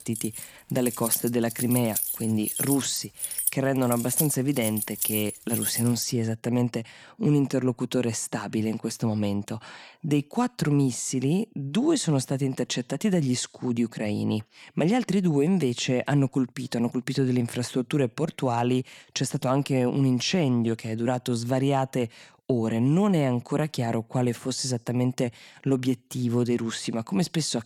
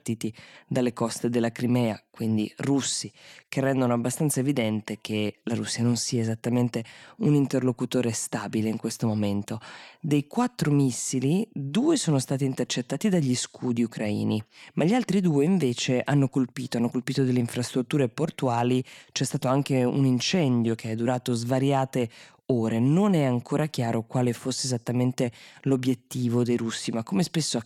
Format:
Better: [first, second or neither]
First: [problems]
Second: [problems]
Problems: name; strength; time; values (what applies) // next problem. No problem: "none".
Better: second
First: jangling keys; loud; until 6 s; peak level with the speech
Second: none